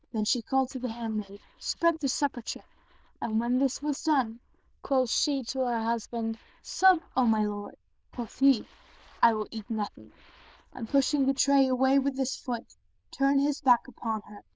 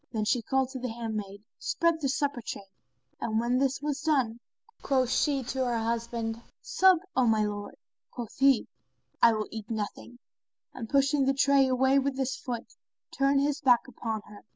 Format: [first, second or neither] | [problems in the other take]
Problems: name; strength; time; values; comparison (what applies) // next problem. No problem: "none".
second | noise reduction (neural diffusion model UNIVERSE++)